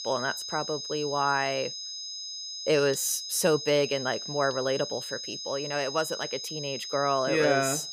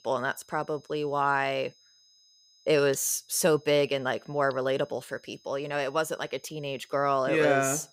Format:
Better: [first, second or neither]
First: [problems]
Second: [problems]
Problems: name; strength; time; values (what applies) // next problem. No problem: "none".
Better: second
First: high-pitched whine; loud; throughout; 5 kHz, 7 dB below the speech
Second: high-pitched whine; faint; throughout; 5 kHz, 30 dB below the speech